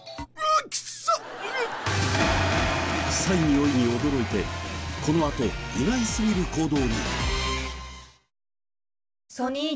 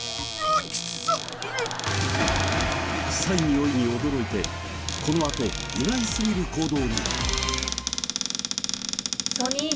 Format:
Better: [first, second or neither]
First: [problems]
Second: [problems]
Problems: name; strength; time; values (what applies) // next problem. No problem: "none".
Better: first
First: none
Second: background sound (Cupboard open or close); 6 dB below the speech